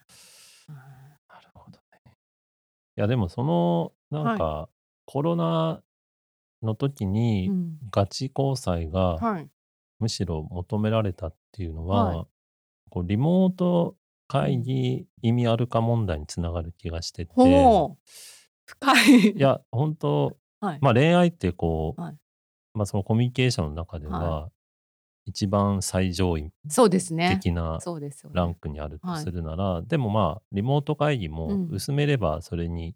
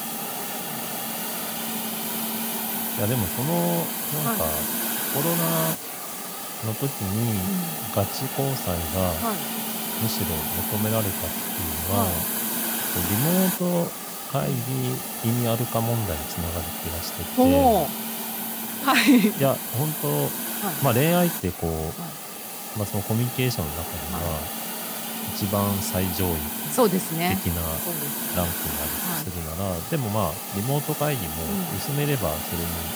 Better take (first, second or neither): first